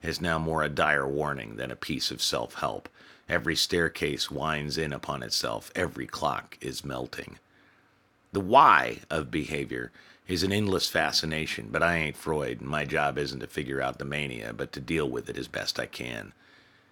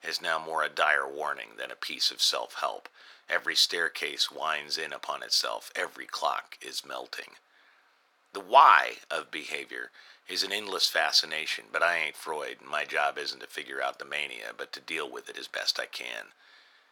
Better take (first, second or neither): first